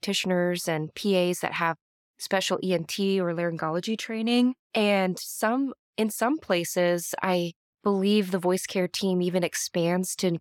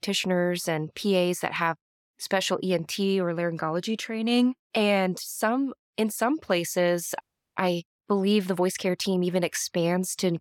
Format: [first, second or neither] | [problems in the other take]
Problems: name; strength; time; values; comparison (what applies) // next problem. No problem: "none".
first | audio freezing; at 7 s